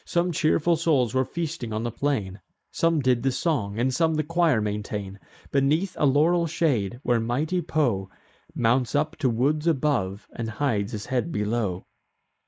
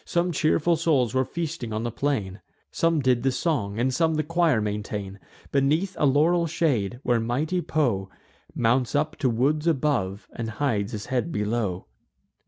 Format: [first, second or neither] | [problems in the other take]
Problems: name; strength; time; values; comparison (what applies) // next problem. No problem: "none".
second | noise reduction (neural mask model Resemble Enhance denoiser)